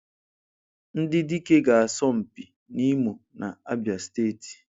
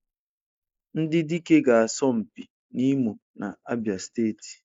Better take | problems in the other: first | noise reduction (neural mask model Resemble Enhance denoiser)

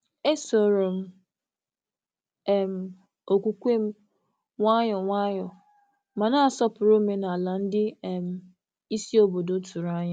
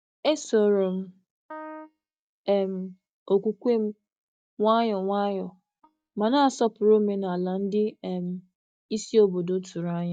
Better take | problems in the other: first | noise reduction (neural mask model DeepFilterNet 3)

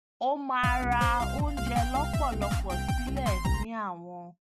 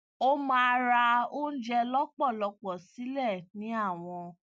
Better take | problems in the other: second | background sound (Drum kit); 3 dB above the speech

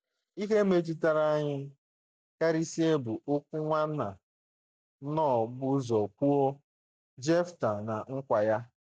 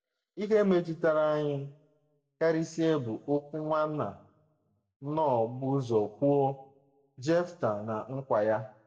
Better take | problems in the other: first | room echo; dies away in 0.6 s

